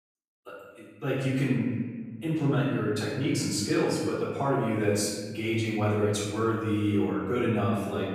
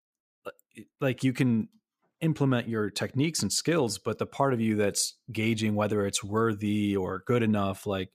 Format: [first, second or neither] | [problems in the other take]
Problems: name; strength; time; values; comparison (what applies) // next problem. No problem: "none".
second | room echo; noticeable; dies away in 1.3 s // off-mic speech; far